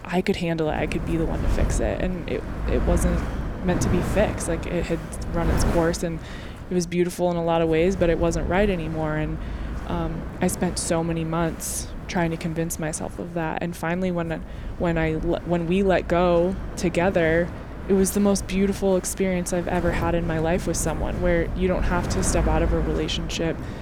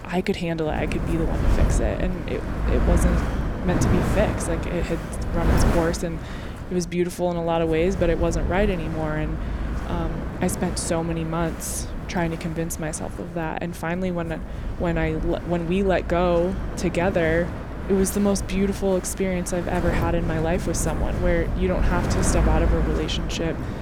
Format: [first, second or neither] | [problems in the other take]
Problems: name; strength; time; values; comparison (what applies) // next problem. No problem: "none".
first | wind noise on the microphone; heavy; 6 dB below the speech; occasional gusts in the first